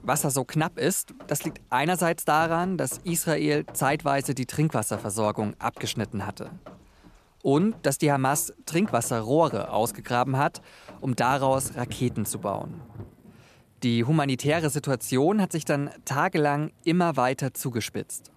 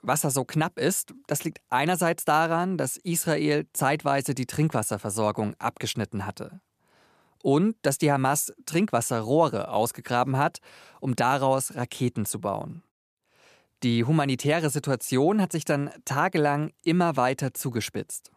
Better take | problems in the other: second | rain or running water; faint; throughout; 20 dB below the speech

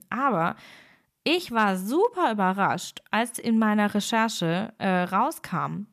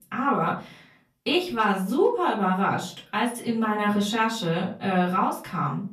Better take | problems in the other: first | room echo; slight; dies away in 0.3 s // off-mic speech; far

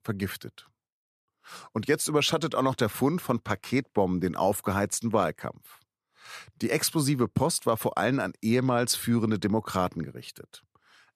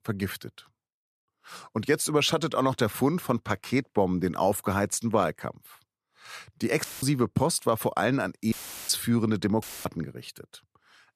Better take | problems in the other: first | audio cutting out; filled with static; at 7 s, at 8.5 s and at 9.5 s

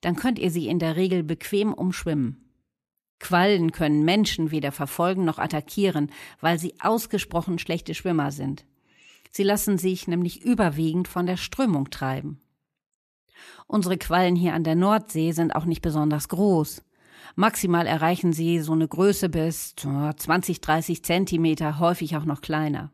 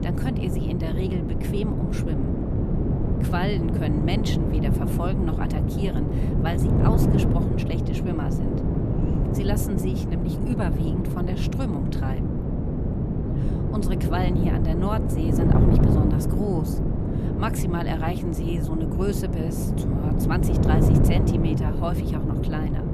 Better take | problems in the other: first | wind noise on the microphone; heavy; 1 dB above the speech

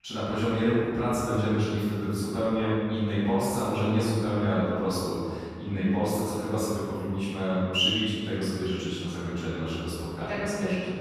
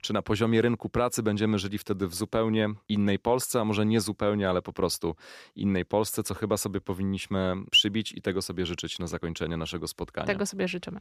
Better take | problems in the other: second | off-mic speech; far // room echo; strong; dies away in 2 s

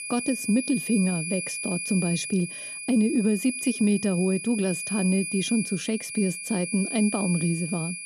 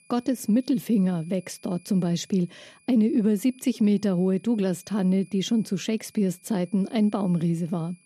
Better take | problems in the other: second | high-pitched whine; loud; throughout; 2.5 kHz, 5 dB below the speech; faint in the second

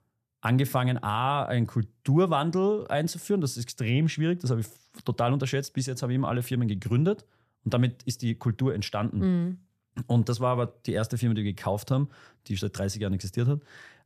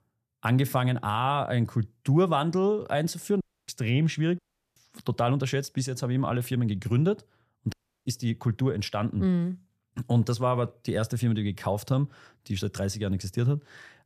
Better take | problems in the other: first | audio cutting out; at 3.5 s, at 4.5 s and at 7.5 s

